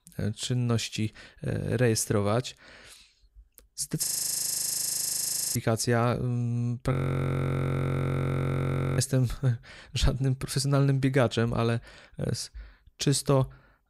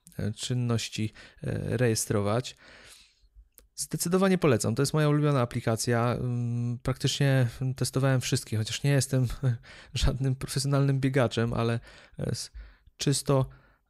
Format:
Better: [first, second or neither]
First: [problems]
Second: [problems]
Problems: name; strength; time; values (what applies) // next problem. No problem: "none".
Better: second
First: audio freezing; at 4 s for 1.5 s and at 7 s for 2 s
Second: none